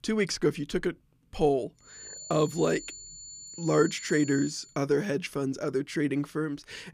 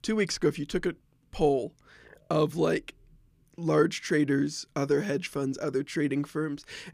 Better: second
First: high-pitched whine; noticeable; from 2 to 4.5 s; 7 kHz, 15 dB below the speech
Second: none

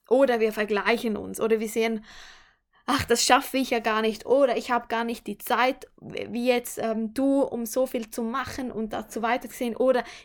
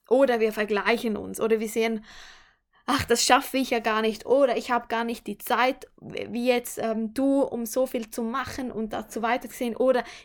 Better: neither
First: none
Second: none

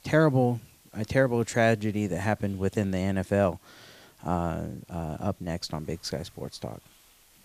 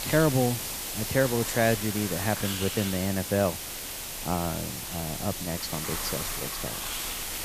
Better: first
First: hiss; faint; throughout; 30 dB below the speech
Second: hiss; loud; throughout; 3 dB below the speech

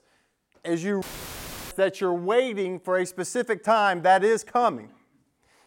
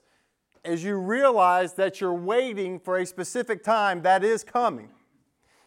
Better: second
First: audio cutting out; filled with static; at 1 s for 0.5 s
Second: none

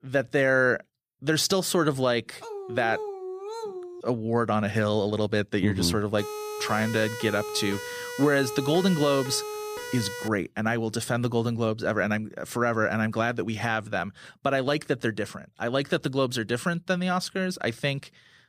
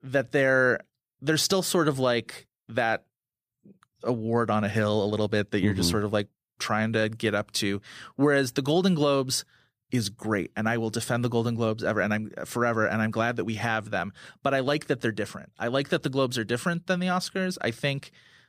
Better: second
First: dog barking; noticeable; from 2.5 to 4 s; peak 8 dB below the speech // siren; noticeable; from 6 to 10 s; peak 8 dB below the speech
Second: none

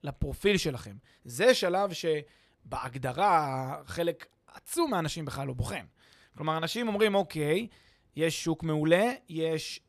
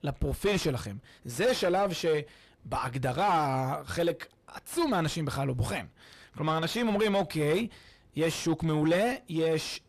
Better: first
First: none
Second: distortion; heavy; 7 dB below the speech

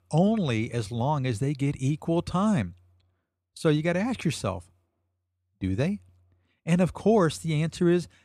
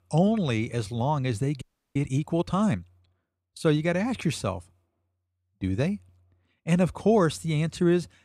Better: first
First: none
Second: audio freezing; at 1.5 s

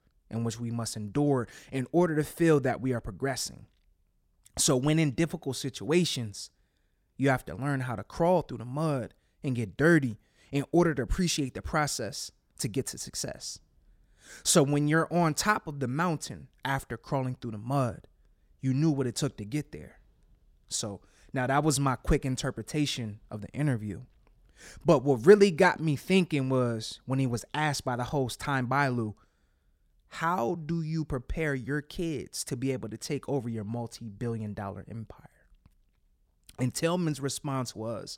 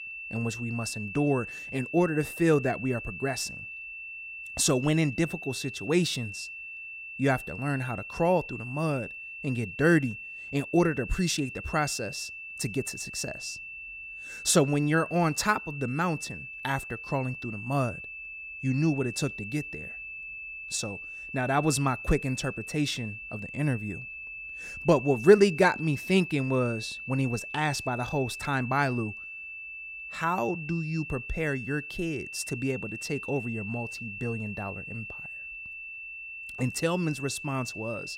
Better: first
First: none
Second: high-pitched whine; loud; throughout; 2.5 kHz, 9 dB below the speech

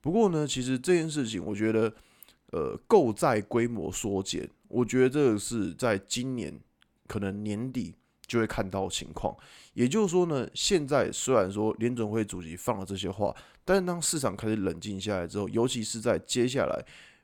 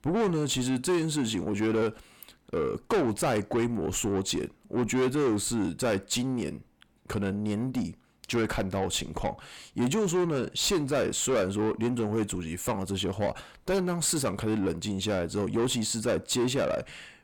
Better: first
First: none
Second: distortion; heavy; 7 dB below the speech

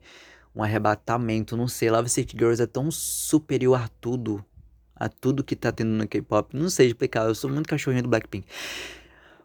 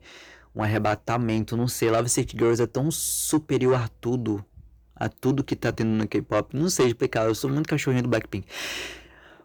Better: first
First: none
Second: distortion; slight; 10 dB below the speech

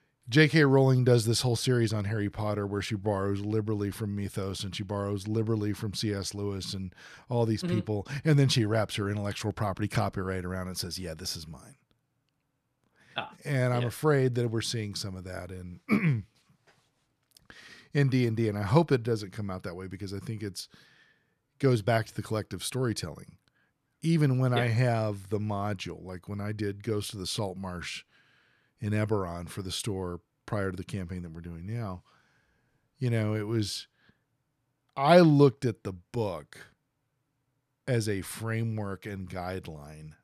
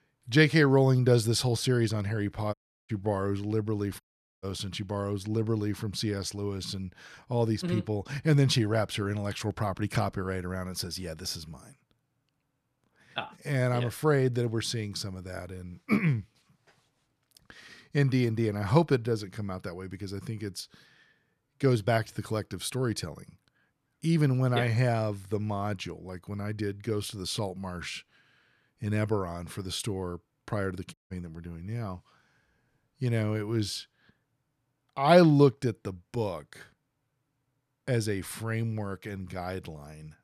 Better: first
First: none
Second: audio cutting out; at 2.5 s, at 4 s and at 31 s

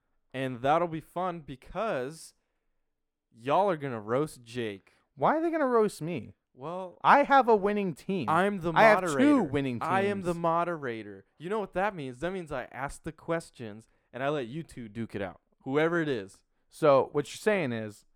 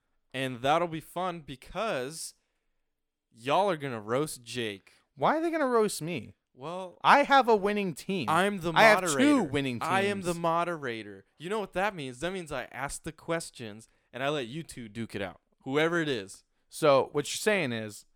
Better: second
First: muffled; slightly; fading above 2 kHz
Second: none

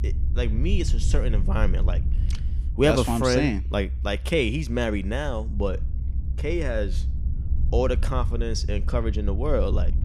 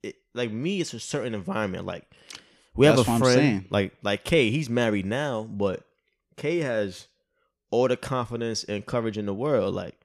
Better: second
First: low rumble; noticeable; throughout; 20 dB below the speech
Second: none

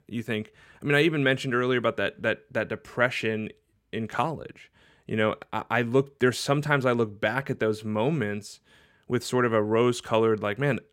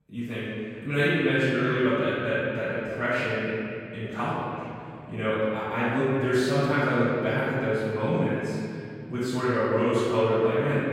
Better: first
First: none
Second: room echo; strong; dies away in 2.5 s // off-mic speech; far

